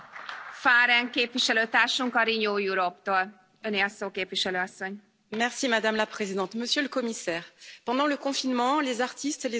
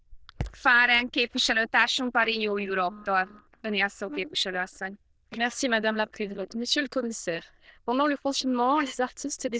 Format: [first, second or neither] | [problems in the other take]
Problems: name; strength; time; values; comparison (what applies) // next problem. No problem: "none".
first | noise reduction (neural diffusion model UNIVERSE++)